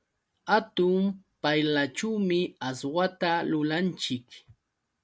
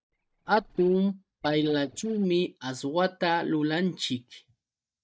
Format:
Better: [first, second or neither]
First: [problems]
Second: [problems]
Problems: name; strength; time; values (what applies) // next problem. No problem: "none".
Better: first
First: none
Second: noise reduction (neural mask model DeepFilterNet 3)